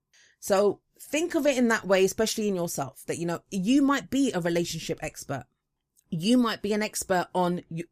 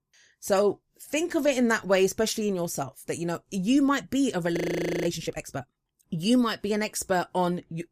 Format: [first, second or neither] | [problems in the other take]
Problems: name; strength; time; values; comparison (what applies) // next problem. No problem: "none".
first | audio freezing; at 4.5 s